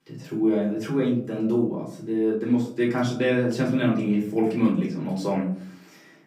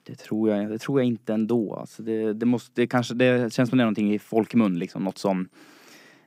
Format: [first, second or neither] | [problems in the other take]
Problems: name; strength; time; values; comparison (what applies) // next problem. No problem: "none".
second | off-mic speech; far // room echo; slight; dies away in 0.5 s